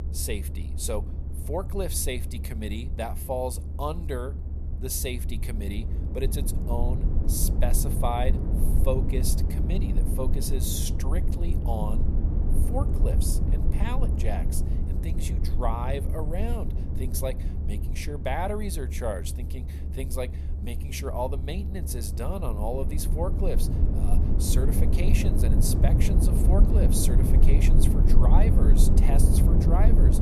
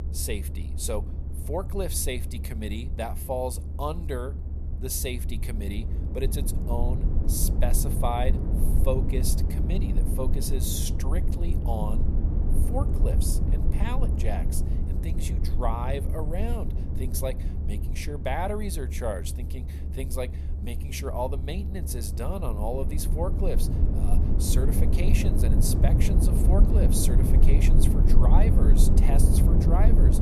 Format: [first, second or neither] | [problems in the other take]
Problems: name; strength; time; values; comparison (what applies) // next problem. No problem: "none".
neither | low rumble; loud; throughout; 5 dB below the speech; the same in both